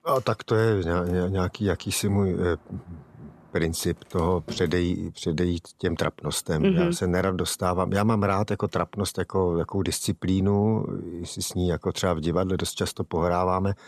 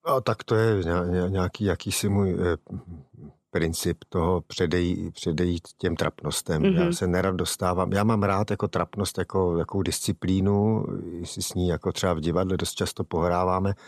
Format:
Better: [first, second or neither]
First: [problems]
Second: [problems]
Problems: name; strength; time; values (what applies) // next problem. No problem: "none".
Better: second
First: household noises; faint; throughout; 25 dB below the speech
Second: none